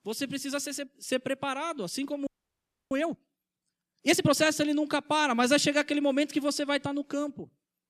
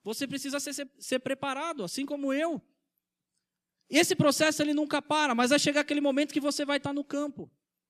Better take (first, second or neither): second